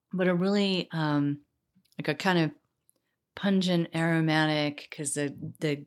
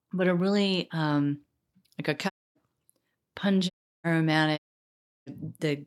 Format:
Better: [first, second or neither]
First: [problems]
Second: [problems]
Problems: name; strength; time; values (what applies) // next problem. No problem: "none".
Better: first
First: none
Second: audio cutting out; at 2.5 s, at 3.5 s and at 4.5 s for 0.5 s